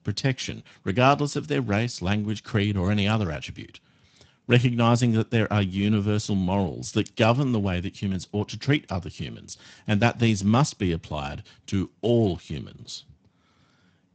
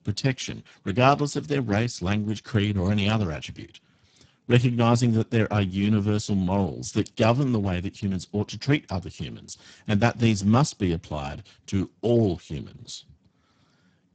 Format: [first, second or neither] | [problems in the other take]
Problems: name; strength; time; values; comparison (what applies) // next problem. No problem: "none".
first | garbled, watery; badly; nothing above 8 kHz; slightly in the first